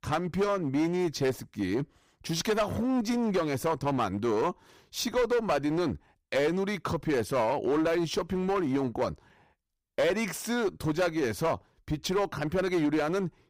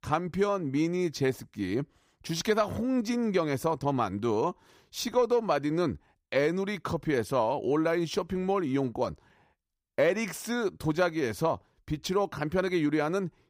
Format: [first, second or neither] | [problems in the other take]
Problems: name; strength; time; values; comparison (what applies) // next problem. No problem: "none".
second | distortion; slight; 10% of the sound clipped